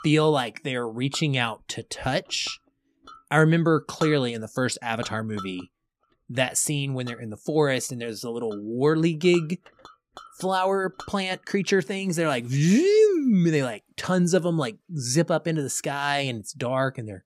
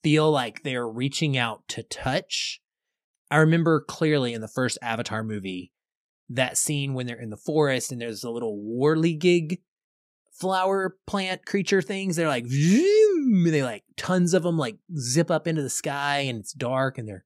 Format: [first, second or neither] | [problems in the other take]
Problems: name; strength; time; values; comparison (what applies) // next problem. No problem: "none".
second | household noises; faint; throughout; 20 dB below the speech